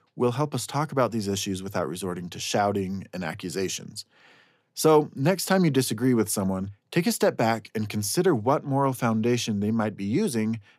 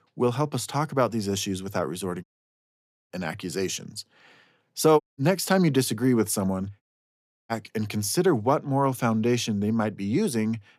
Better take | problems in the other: first | audio cutting out; at 2 s for 1 s, at 5 s and at 7 s for 0.5 s

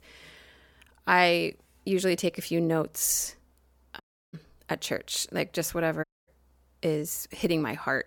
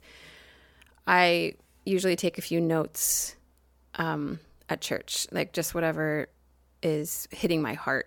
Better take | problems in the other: second | audio cutting out; at 4 s and at 6 s

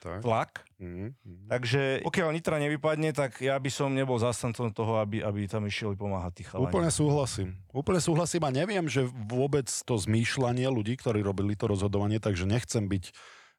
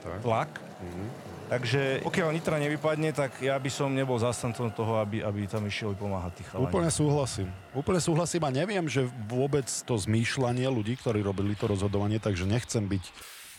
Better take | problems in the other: first | traffic noise; noticeable; throughout; 15 dB below the speech

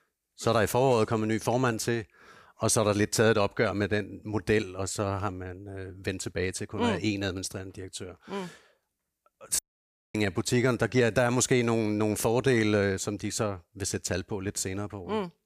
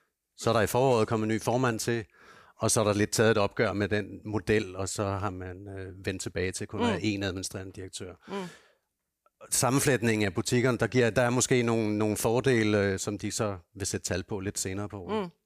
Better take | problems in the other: second | audio cutting out; at 9.5 s for 0.5 s

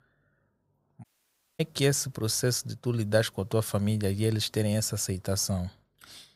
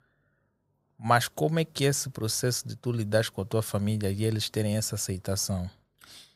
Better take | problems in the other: second | audio cutting out; at 1 s for 0.5 s

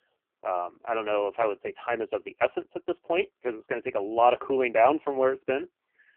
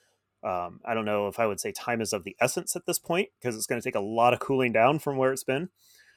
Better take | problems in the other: second | phone-call audio; poor line; nothing above 3 kHz

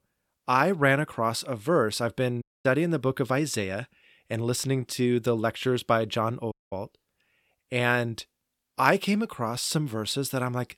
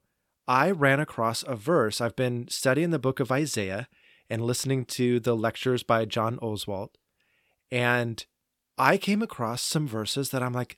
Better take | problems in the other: second | audio cutting out; at 2.5 s and at 6.5 s

